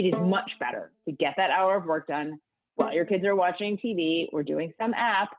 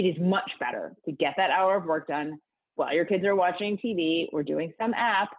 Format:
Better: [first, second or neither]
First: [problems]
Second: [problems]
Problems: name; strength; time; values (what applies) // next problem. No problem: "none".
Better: second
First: noise reduction (neural mask model RNNoise)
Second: none